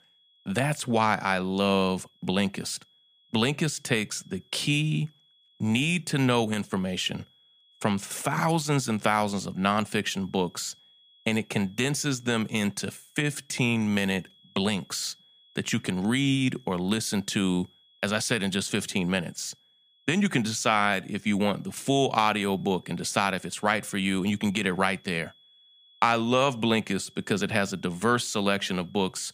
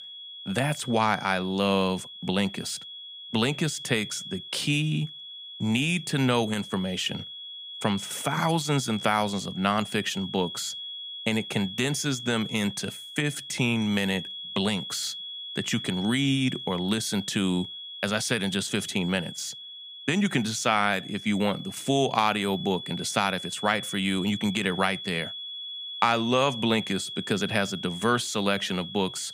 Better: first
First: high-pitched whine; faint; throughout; 3.5 kHz, 30 dB below the speech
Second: high-pitched whine; loud; throughout; 3.5 kHz, 10 dB below the speech

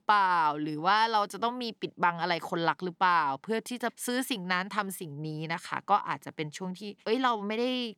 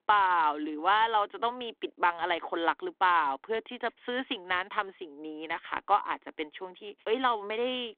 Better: first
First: none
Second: phone-call audio

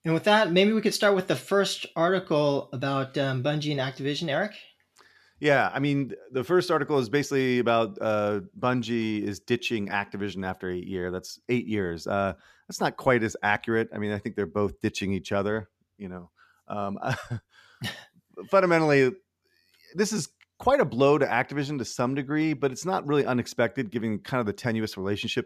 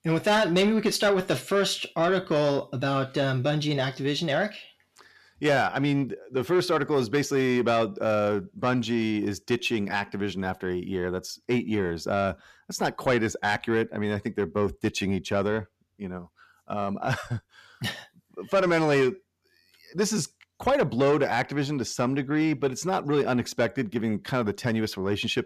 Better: first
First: none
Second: distortion; slight; 10 dB below the speech

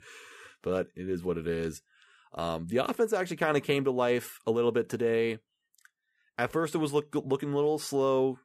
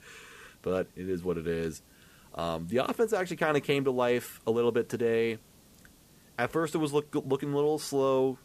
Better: first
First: none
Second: hiss; faint; throughout; 30 dB below the speech

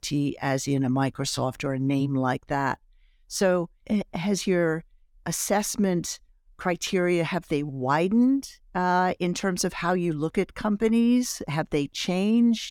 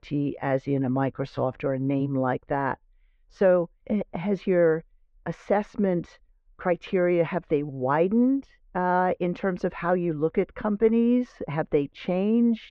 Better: first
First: none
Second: muffled; very; fading above 2.5 kHz

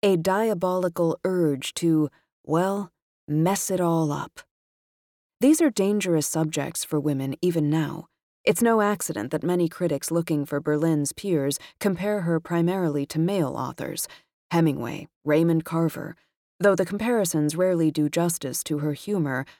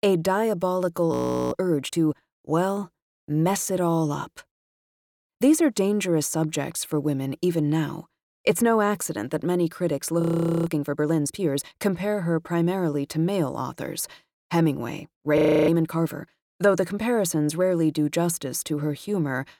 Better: first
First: none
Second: audio freezing; at 1 s, at 10 s and at 15 s

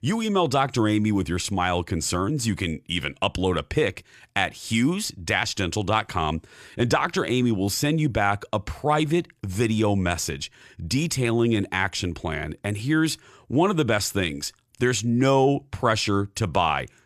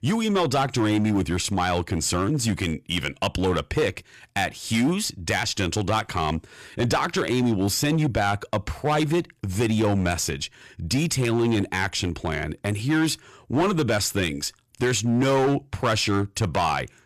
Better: first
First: none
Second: distortion; slight; 9% of the sound clipped

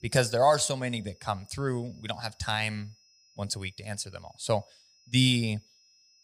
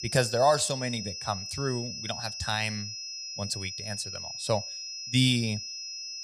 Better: first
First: high-pitched whine; faint; throughout; 5 kHz, 30 dB below the speech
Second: high-pitched whine; loud; throughout; 5 kHz, 6 dB below the speech

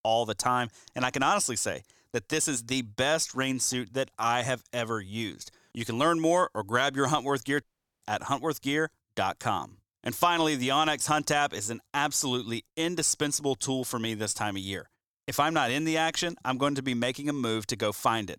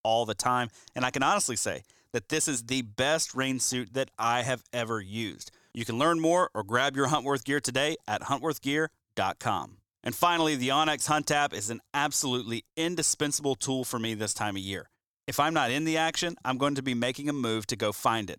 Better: second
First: audio cutting out; at 7.5 s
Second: none

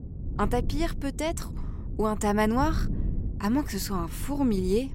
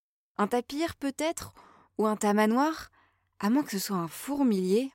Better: second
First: low rumble; noticeable; throughout; 15 dB below the speech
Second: none

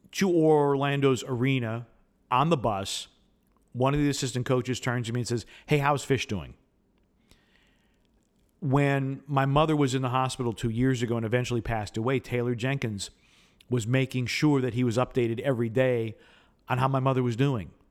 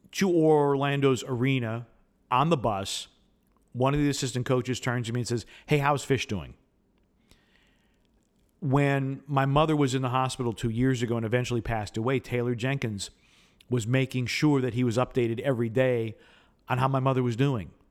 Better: neither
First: none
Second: none

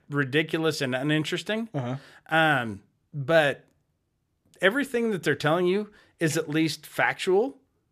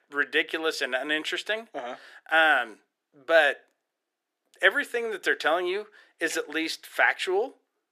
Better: first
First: none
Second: thin; very; fading below 350 Hz

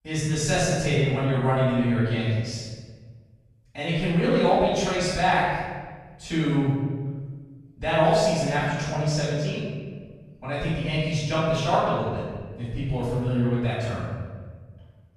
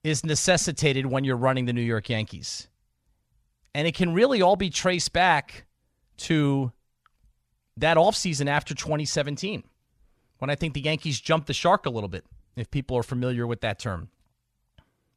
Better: second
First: off-mic speech; far // room echo; strong; dies away in 1.6 s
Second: none

